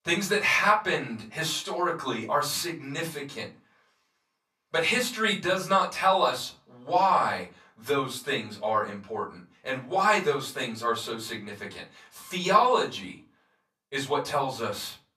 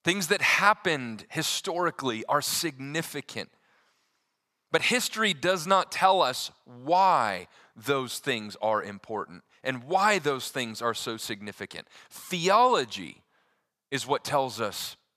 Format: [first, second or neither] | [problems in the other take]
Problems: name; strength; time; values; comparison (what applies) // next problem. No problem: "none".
second | off-mic speech; far // room echo; very slight; dies away in 0.2 s